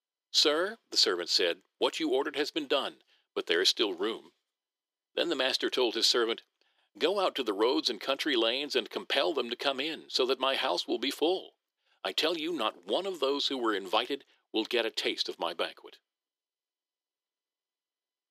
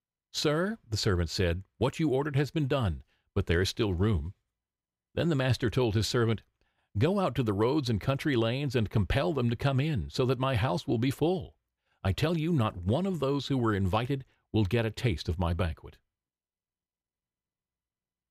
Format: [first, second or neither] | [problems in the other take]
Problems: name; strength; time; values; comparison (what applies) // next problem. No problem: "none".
second | thin; very; fading below 300 Hz